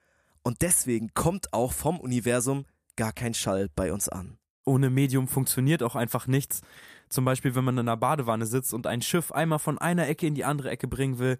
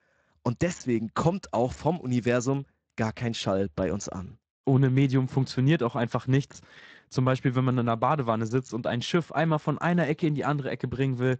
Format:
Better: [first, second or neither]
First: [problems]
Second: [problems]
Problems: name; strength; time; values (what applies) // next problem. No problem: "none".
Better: first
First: none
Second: garbled, watery; slightly; nothing above 7.5 kHz